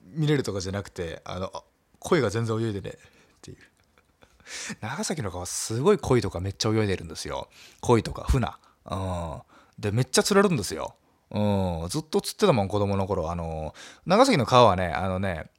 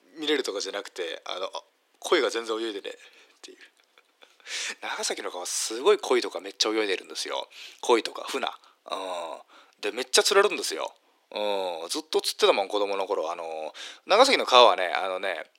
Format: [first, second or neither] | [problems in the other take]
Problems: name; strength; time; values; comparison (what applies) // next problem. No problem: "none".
first | thin; very; fading below 300 Hz